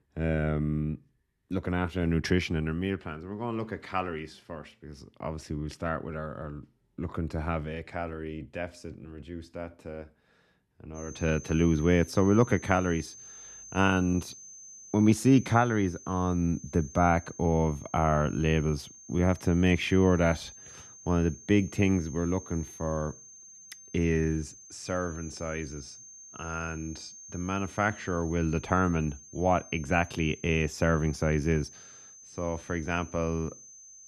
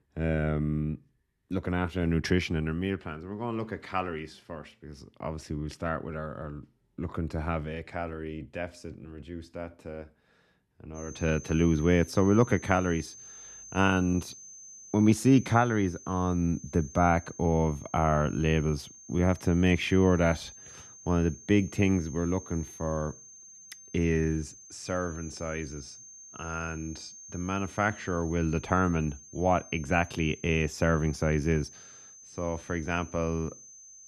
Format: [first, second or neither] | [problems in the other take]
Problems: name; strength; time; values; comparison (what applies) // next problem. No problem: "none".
neither | high-pitched whine; noticeable; from 11 s on; 6.5 kHz, 20 dB below the speech; the same in both